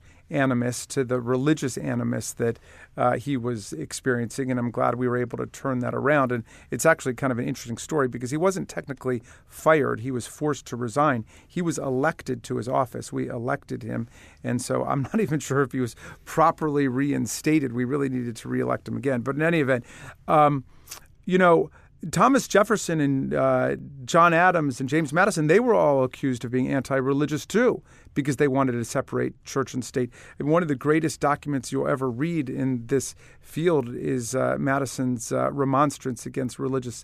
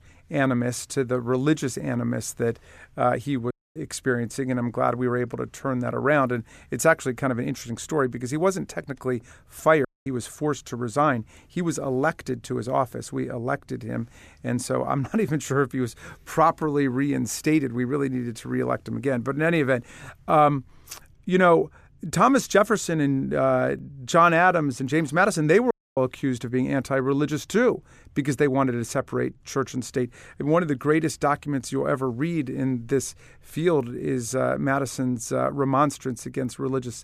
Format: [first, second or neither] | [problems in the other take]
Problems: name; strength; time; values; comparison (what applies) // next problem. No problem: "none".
first | audio cutting out; at 3.5 s, at 10 s and at 26 s